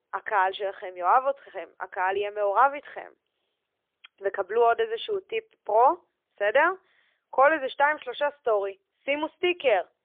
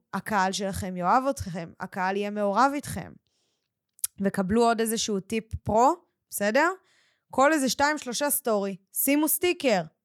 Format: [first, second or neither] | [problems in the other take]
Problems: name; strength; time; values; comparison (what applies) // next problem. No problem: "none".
second | phone-call audio; poor line